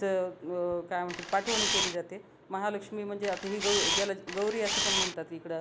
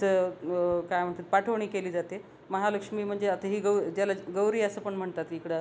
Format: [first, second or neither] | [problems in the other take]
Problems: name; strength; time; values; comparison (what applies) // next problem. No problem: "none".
second | background sound (Camera); 2 dB above the speech